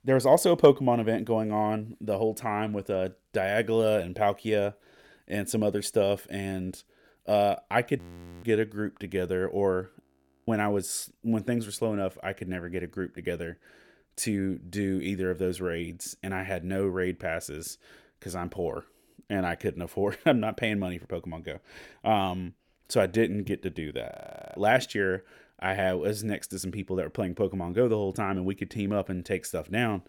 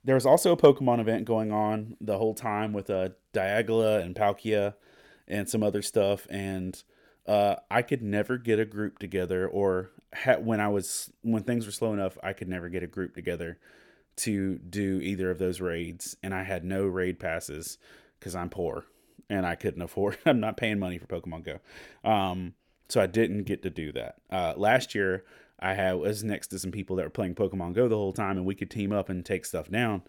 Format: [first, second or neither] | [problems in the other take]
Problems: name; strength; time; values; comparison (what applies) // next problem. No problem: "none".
second | audio freezing; at 8 s, at 10 s and at 24 s